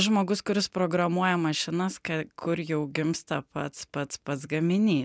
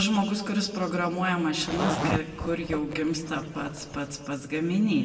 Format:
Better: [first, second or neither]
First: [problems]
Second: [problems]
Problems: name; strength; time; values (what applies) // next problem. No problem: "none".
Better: first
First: none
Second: background sound (Zipper (clothing)); 8 dB below the speech // room echo; dies away in 1.8 s